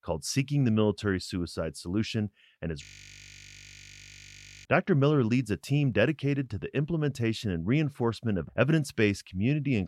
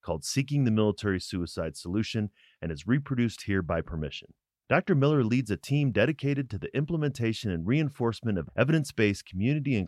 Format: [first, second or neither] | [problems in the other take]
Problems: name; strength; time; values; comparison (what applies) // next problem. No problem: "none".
second | audio freezing; at 3 s for 2 s